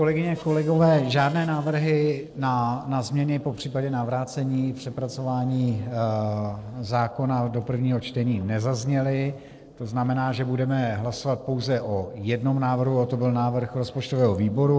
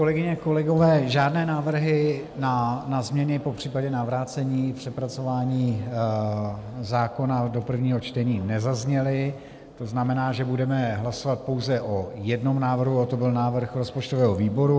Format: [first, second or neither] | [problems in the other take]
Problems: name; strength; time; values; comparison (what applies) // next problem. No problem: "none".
second | noise reduction (neural separator model SepFormer DNS4)